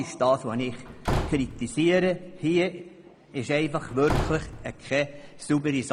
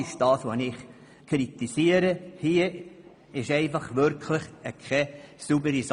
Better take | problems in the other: second | background sound (Slam / Wood); 7 dB below the speech

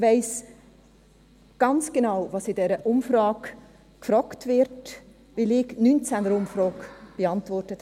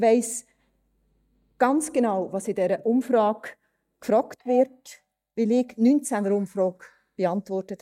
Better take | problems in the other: first | noise reduction (neural mask model DeepFilterNet 3)

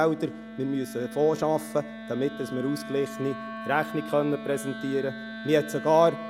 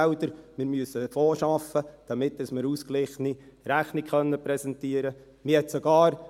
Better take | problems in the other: second | background sound (Wind instrument, woodwind instrument); 11 dB below the speech

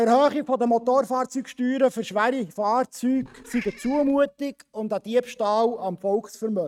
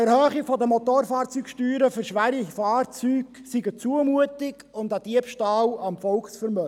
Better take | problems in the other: second | noise reduction (neural mask model RNNoise)

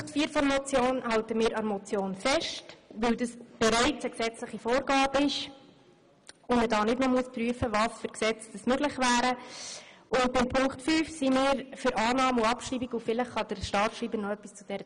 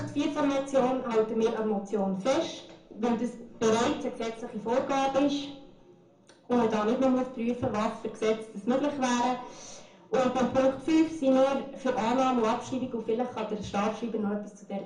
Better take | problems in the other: first | room echo; dies away in 0.6 s

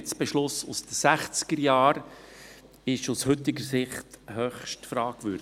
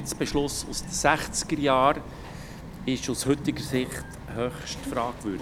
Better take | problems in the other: first | background sound (Bird vocalization, bird call, bird song); 11 dB below the speech

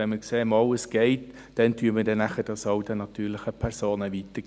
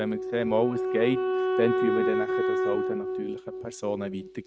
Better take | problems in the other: first | noise reduction (neural mask model RNNoise)

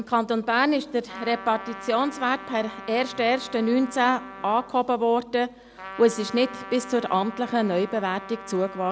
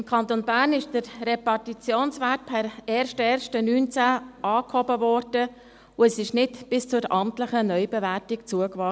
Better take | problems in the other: second | background sound (Trumpet); 16 dB below the speech

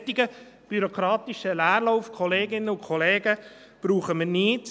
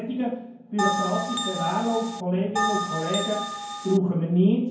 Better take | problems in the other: first | background sound (Bell); 3 dB below the speech // room echo; dies away in 0.9 s

